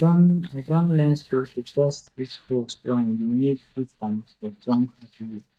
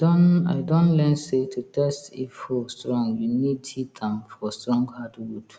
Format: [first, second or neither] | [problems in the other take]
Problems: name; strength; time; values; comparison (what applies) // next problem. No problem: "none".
second | noise reduction (neural mask model DeepFilterNet 3)